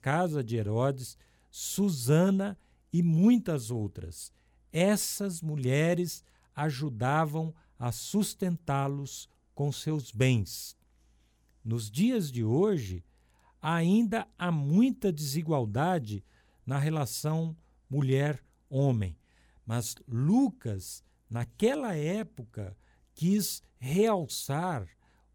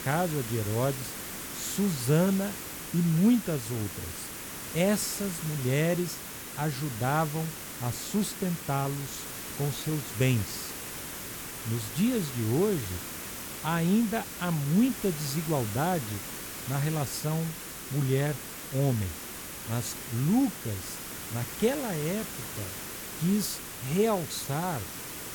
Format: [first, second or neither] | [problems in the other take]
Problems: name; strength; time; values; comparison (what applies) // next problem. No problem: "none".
first | hiss; loud; throughout; 7 dB below the speech